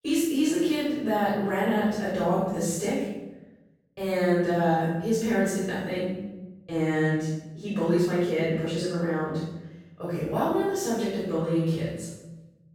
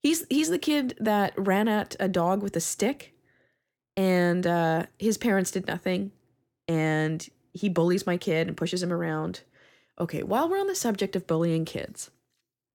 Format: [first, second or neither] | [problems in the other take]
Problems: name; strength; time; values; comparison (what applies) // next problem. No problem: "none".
second | off-mic speech; far // room echo; strong; dies away in 1 s